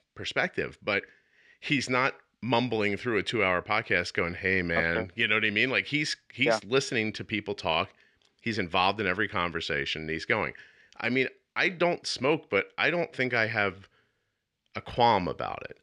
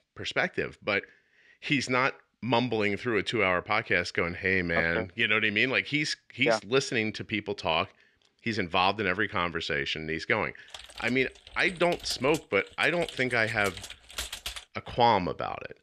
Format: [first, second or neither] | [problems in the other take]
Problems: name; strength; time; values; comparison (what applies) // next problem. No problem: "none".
first | keyboard typing; noticeable; from 11 to 15 s; peak 7 dB below the speech